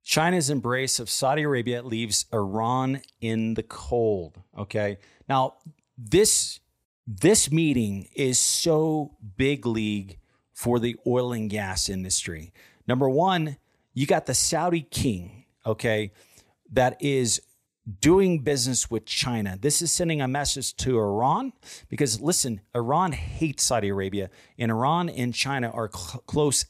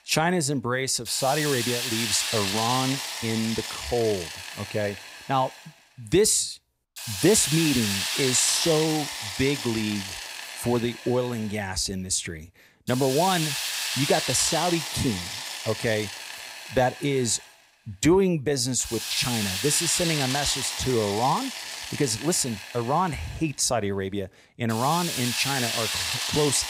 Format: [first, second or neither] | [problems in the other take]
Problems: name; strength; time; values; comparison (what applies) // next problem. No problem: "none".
first | hiss; loud; throughout; 3 dB below the speech